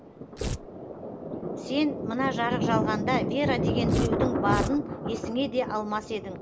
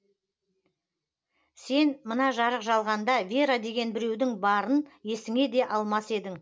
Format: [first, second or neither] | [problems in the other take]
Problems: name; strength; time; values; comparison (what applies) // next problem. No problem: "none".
second | background sound (Thunder + Tearing); 1 dB above the speech